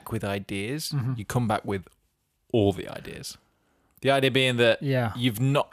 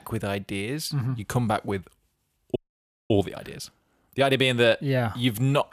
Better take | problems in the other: first | audio freezing; at 2.5 s for 0.5 s

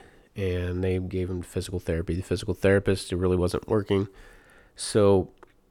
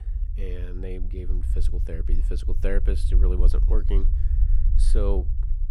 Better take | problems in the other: first | low rumble; noticeable; throughout; 10 dB below the speech

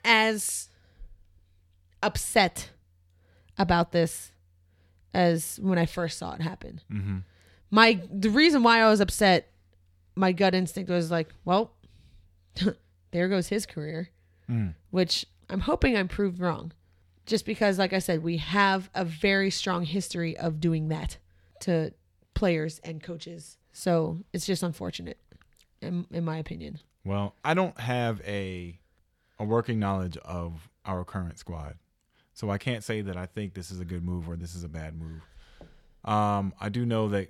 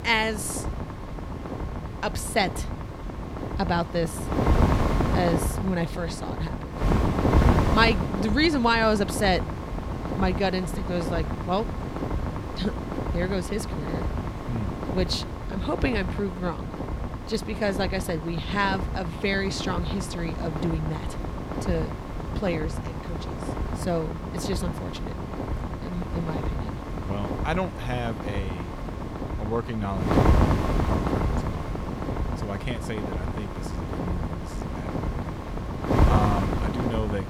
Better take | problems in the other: first | wind noise on the microphone; heavy; 4 dB below the speech

